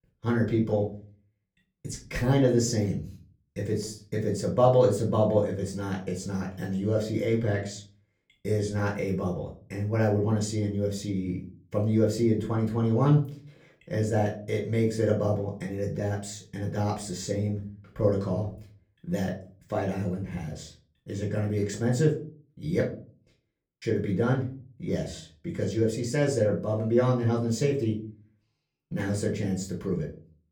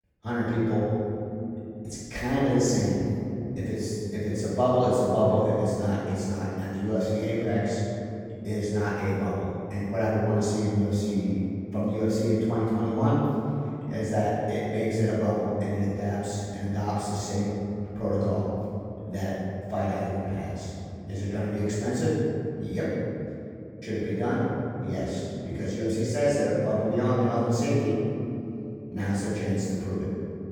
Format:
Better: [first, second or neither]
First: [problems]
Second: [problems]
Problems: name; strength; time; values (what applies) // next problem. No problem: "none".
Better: first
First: room echo; slight; dies away in 0.4 s // off-mic speech; far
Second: room echo; strong; dies away in 3 s // off-mic speech; far